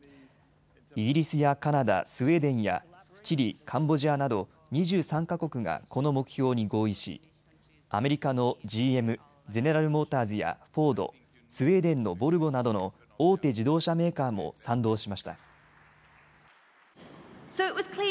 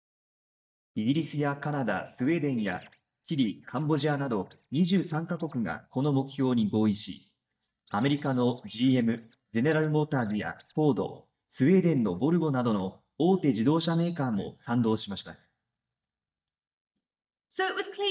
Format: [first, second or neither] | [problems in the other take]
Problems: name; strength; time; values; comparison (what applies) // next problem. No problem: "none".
first | noise reduction (neural mask model DeepFilterNet 3)